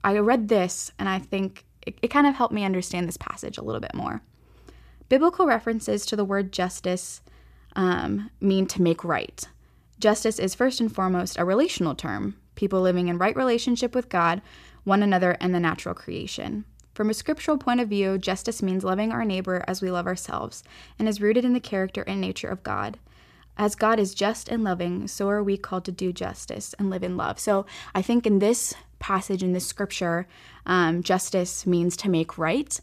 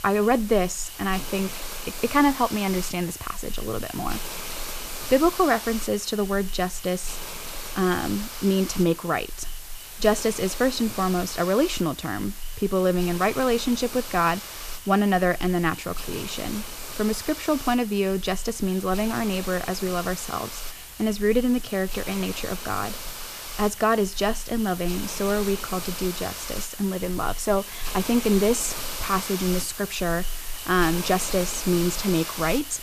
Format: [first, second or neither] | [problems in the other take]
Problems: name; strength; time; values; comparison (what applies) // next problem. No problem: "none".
first | hiss; loud; throughout; 9 dB below the speech